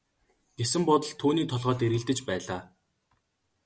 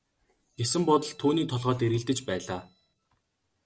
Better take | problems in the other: first | noise reduction (neural separator model SepFormer DNS4)

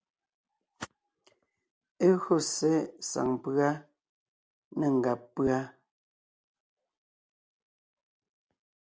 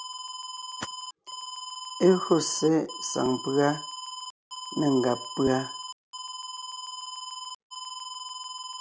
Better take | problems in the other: first | background sound (Alarm); 9 dB below the speech

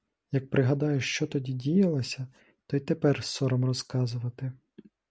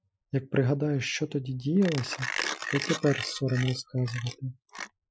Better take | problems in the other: first | noise reduction (classical method Wiener filter)

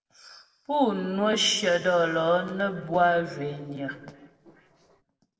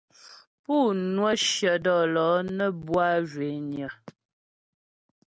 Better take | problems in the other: second | noise reduction (neural separator model SepFormer DNS4)

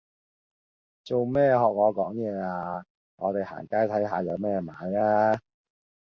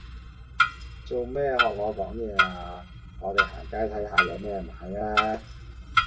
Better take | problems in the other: first | background sound (Clock); 3 dB above the speech // room echo; dies away in 0.2 s

